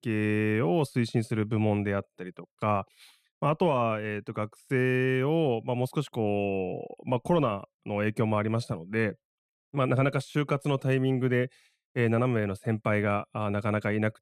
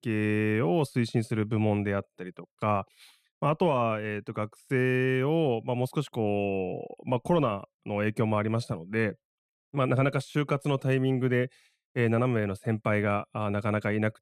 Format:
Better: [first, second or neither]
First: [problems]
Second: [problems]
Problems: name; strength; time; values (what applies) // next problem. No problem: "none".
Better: neither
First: none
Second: none